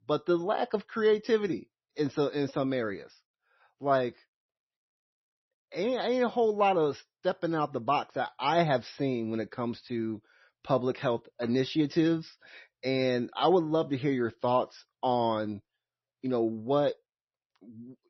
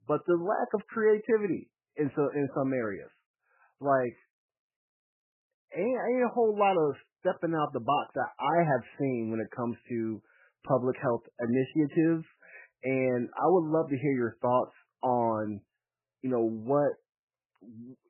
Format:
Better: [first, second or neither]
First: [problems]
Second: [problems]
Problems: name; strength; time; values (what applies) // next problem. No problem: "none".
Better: first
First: garbled, watery; slightly; nothing above 6 kHz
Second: garbled, watery; badly; nothing above 2.5 kHz